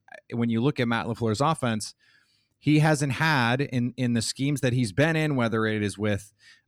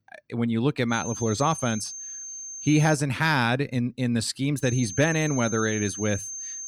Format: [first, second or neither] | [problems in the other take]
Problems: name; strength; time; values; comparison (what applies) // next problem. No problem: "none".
first | high-pitched whine; loud; from 1 to 3 s and from 4.5 s on; 6.5 kHz, 9 dB below the speech